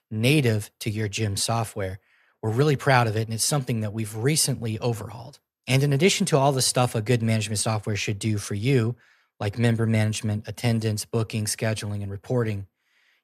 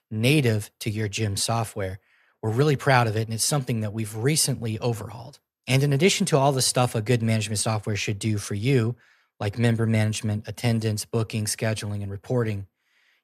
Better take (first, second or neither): neither